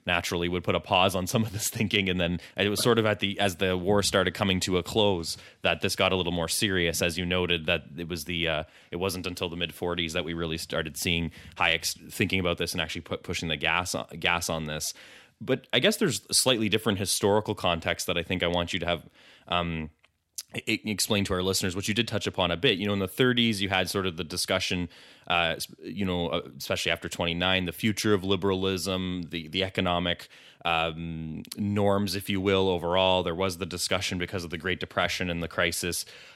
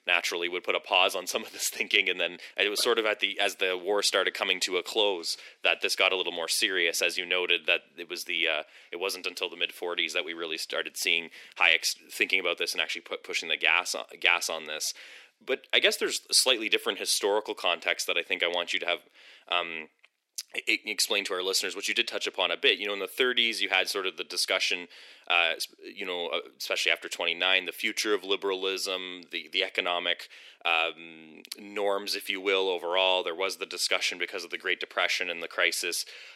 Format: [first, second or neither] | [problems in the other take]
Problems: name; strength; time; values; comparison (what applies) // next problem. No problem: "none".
first | thin; very; fading below 350 Hz